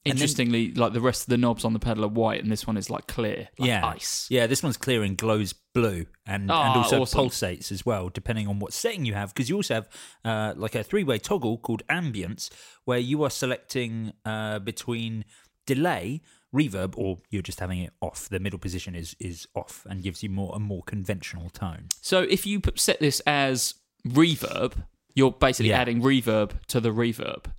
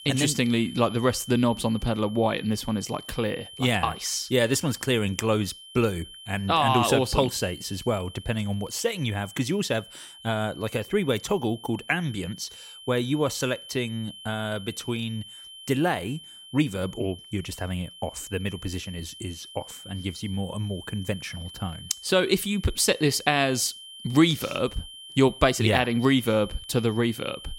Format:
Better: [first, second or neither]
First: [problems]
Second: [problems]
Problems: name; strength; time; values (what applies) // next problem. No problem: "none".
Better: first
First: none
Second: high-pitched whine; noticeable; throughout; 3 kHz, 15 dB below the speech